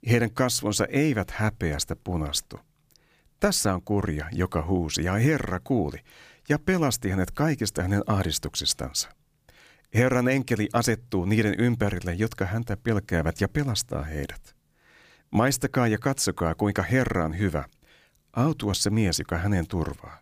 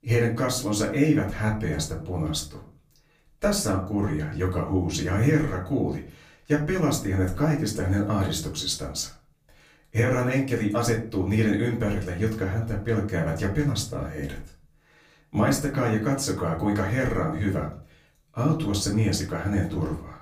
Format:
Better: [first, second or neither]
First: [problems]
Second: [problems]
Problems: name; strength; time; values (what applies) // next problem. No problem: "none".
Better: first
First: none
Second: room echo; slight; dies away in 0.4 s // off-mic speech; far